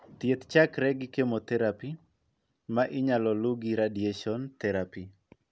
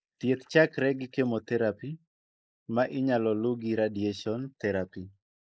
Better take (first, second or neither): first